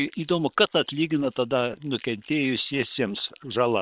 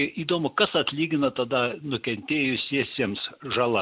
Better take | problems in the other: second | noise reduction (neural separator model SepFormer WHAM!)

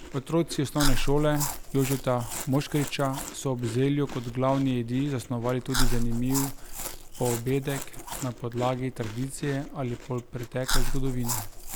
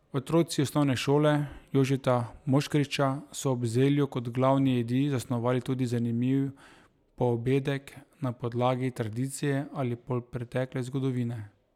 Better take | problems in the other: second | background sound (Chewing, mastication); 1 dB below the speech

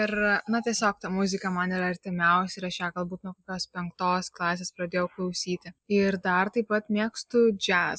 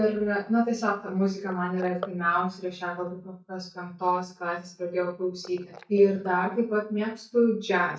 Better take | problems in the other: first | noise reduction (neural mask model DeepFilterNet 3)

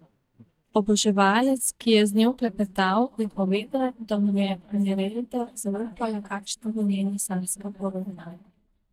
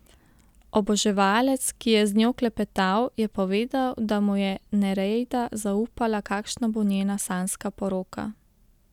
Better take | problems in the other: second | noise reduction (neural mask model DeepFilterNet 3)

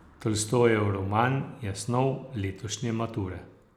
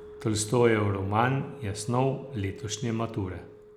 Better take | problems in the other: first | background sound (Telephone); 17 dB below the speech

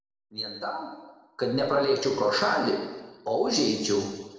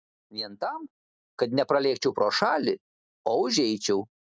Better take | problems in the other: second | room echo; dies away in 1.1 s

